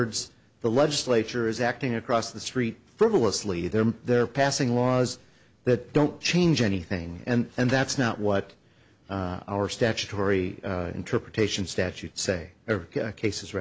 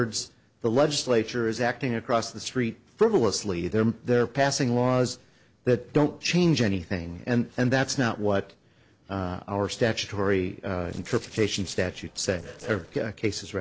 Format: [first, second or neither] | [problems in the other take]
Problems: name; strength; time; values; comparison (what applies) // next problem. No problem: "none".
first | noise reduction (neural separator model SepFormer DNS4)